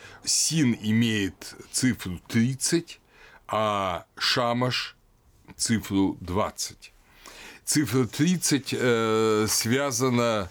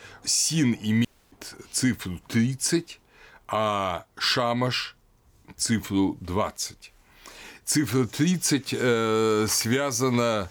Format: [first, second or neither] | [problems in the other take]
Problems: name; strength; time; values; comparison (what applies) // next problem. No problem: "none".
first | audio cutting out; at 1 s